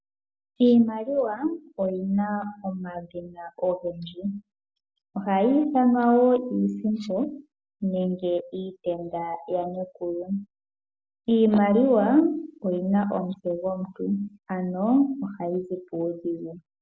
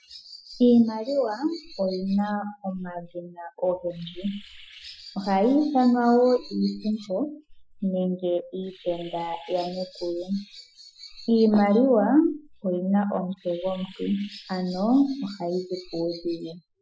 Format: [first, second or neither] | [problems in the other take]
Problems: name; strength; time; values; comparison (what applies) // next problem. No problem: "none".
first | noise reduction (classical method Wiener filter)